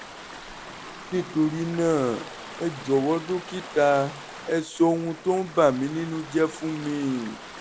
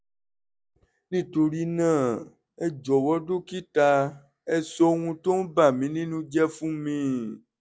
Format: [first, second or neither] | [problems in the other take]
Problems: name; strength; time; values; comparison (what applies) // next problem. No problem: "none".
second | background sound (Stream / Ocean); 15 dB below the speech